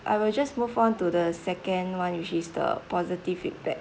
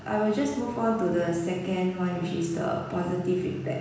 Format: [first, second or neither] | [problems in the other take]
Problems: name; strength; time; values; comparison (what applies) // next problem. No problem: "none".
first | room echo; dies away in 1.1 s